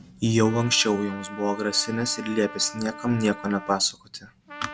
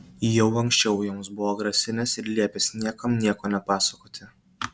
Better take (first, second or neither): second